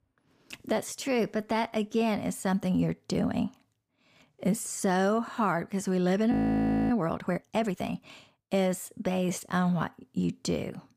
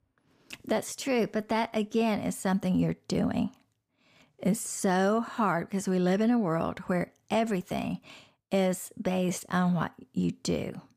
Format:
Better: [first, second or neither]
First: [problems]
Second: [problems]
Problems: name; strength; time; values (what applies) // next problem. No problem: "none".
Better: second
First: audio freezing; at 6.5 s for 0.5 s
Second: none